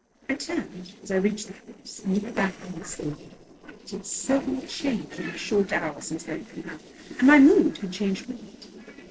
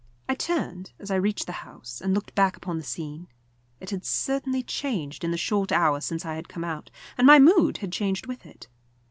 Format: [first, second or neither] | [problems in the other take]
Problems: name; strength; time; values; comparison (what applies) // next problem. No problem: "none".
second | noise reduction (neural separator model SepFormer DNS4)